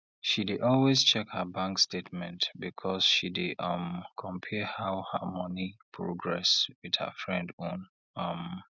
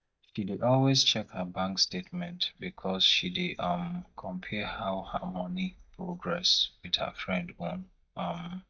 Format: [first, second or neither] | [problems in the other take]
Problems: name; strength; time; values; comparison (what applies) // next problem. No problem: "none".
first | noise reduction (neural mask model DeepFilterNet 3)